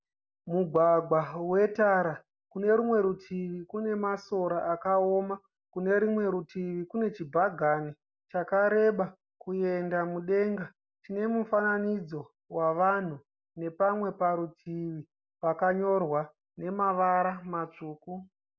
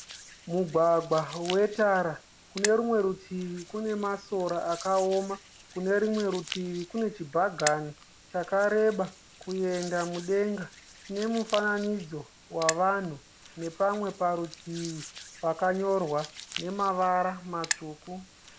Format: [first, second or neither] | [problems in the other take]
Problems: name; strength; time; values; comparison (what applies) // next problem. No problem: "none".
first | background sound (Hands); 13 dB below the speech